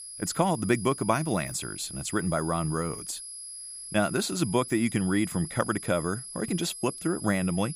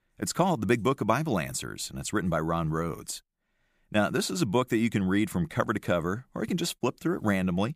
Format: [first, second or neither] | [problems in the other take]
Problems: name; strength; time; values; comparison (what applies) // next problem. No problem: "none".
second | high-pitched whine; loud; throughout; 11 kHz, 10 dB below the speech